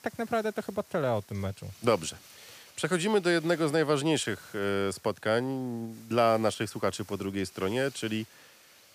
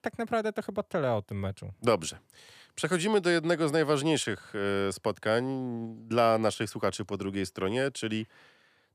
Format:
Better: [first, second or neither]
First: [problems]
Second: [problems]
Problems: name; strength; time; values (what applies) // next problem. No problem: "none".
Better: second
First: hiss; faint; throughout; 25 dB below the speech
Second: none